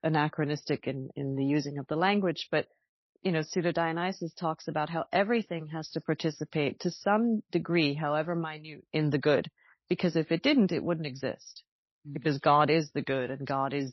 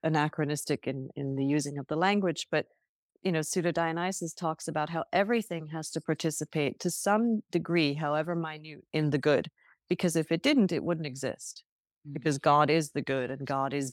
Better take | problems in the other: second | garbled, watery; slightly; nothing above 5.5 kHz

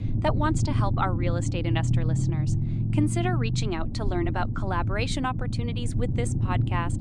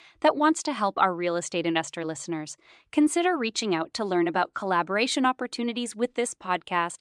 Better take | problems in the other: second | low rumble; loud; throughout; 8 dB below the speech

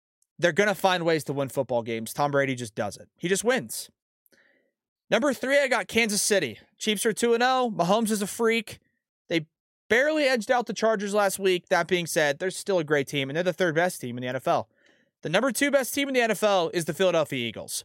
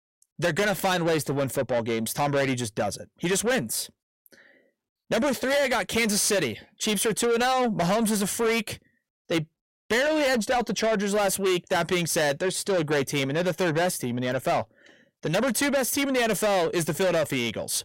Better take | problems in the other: first | distortion; heavy; 7 dB below the speech

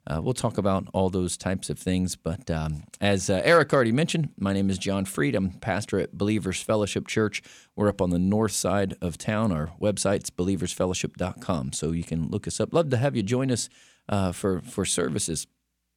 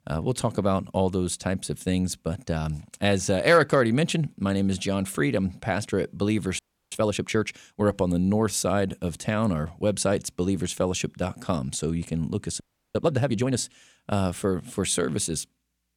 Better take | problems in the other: first | audio freezing; at 6.5 s and at 13 s

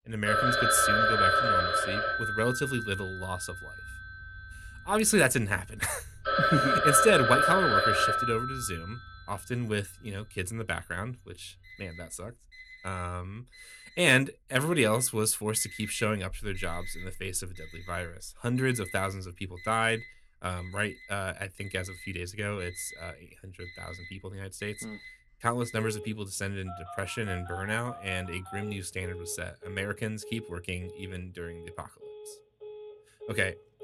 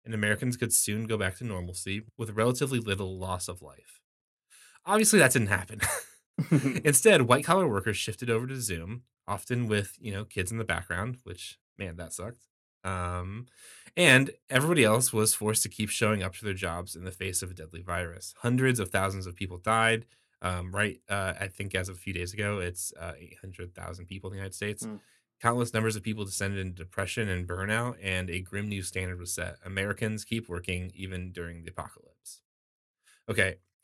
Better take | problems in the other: second | alarms or sirens; very loud; throughout; 4 dB above the speech

